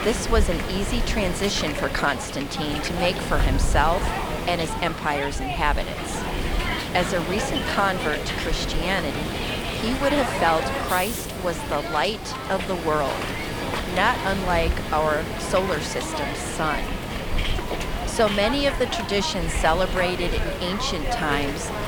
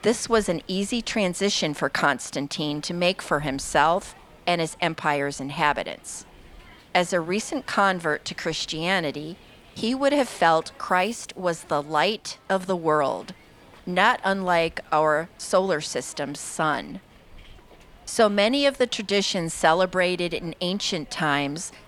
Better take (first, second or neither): second